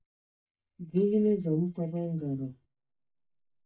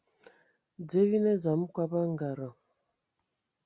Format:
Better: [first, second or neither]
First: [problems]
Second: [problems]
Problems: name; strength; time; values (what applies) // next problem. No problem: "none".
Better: second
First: noise reduction (neural mask model DeepFilterNet 3)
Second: none